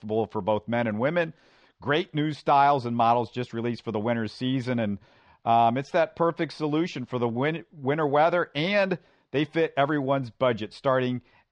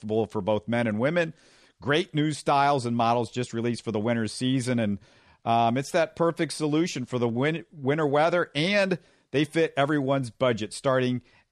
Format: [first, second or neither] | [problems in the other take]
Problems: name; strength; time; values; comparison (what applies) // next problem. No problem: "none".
second | muffled; slightly; fading above 4.5 kHz